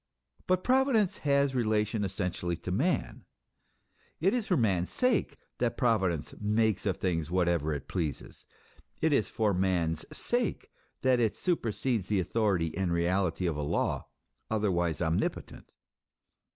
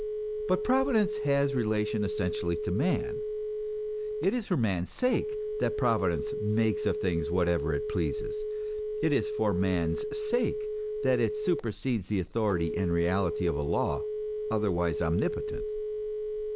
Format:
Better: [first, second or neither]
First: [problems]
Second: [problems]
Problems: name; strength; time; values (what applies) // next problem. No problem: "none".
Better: first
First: none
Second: background sound (Telephone); 3 dB below the speech